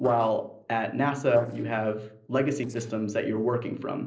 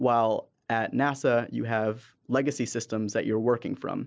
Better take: second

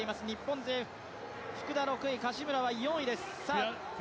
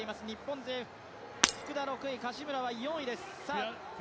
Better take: first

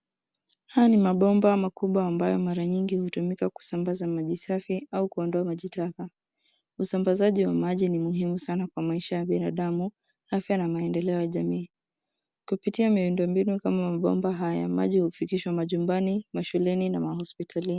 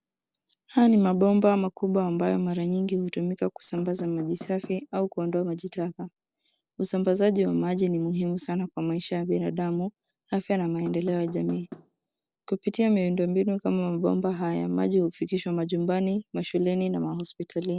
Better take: first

